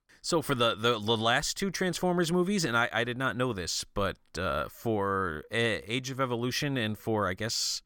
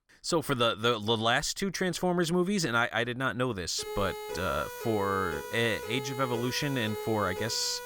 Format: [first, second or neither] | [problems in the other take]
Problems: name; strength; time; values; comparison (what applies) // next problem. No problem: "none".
first | siren; noticeable; from 4 s on; peak 9 dB below the speech